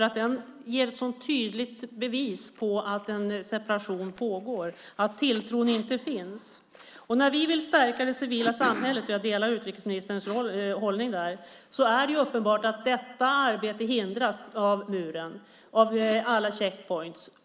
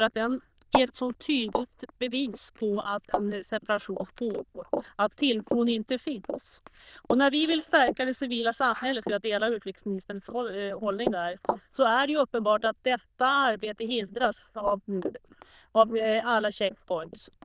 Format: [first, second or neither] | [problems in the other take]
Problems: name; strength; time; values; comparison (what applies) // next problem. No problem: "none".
first | noise reduction (neural diffusion model UNIVERSE++)